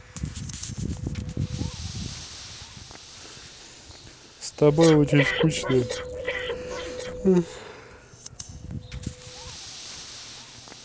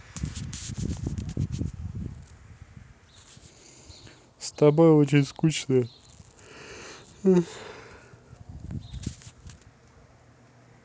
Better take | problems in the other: second | background sound (Breathing); 8 dB below the speech

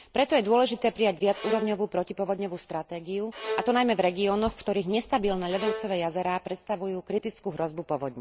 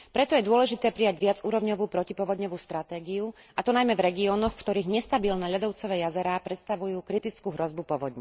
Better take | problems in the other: second | background sound (Bowed string instrument); 12 dB below the speech

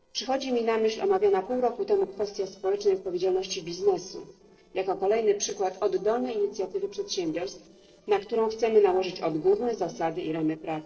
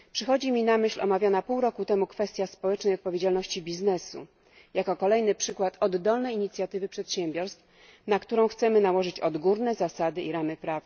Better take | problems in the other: second | noise reduction (neural separator model SepFormer DNS4)

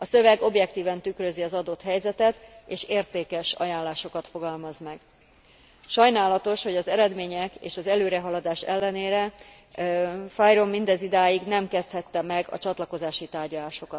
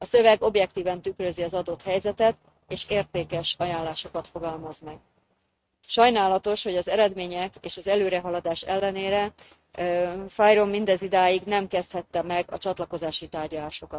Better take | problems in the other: first | noise reduction (neural mask model RNNoise)

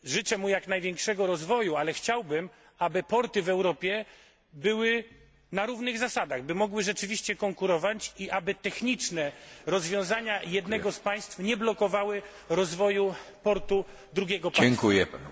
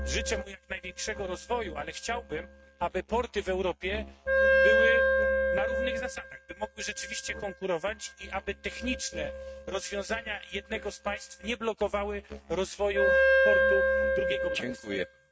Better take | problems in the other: first | noise reduction (neural mask model RNNoise)

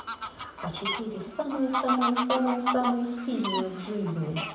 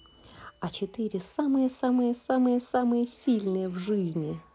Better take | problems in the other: second | background sound (Fowl); 3 dB below the speech // room echo; dies away in 1 s

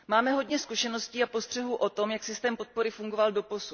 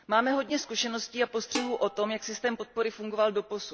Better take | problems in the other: first | background sound (Dishes, pots, and pans); 13 dB below the speech

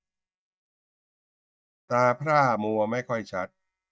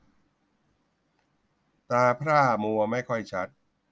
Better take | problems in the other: second | noise reduction (neural mask model DeepFilterNet 3)

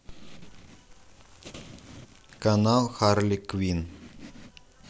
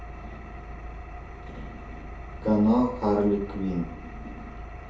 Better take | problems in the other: first | background sound (Engine); 10 dB below the speech // room echo; dies away in 0.5 s

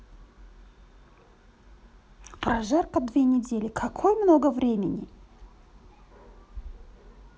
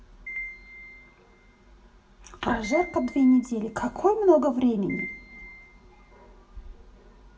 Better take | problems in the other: first | background sound (Piano); 15 dB below the speech // room echo; dies away in 0.7 s

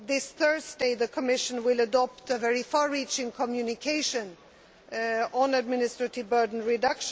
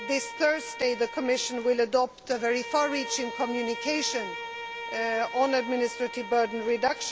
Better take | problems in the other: first | background sound (Bowed string instrument); 10 dB below the speech

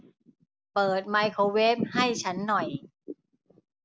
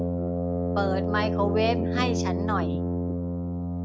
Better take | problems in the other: first | background sound (Brass instrument); 4 dB above the speech

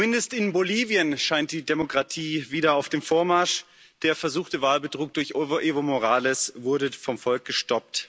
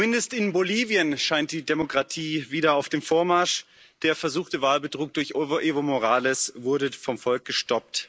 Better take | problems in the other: first | noise reduction (neural mask model Resemble Enhance denoiser)

